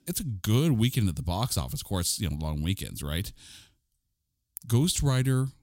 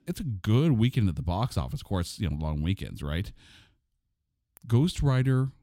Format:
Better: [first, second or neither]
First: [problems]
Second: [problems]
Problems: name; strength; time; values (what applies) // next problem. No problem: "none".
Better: first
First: none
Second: muffled; slightly; fading above 4 kHz